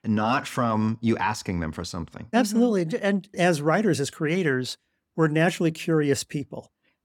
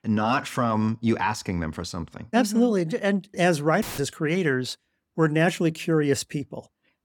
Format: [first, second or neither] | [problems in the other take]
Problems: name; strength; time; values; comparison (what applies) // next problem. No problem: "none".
first | audio cutting out; filled with static; at 4 s